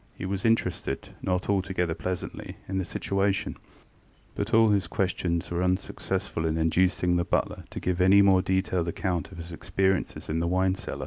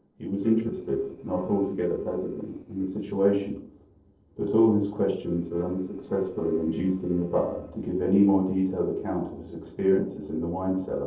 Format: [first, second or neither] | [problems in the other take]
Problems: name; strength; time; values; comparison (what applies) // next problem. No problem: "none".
first | noise reduction (neural separator model SepFormer DNS4)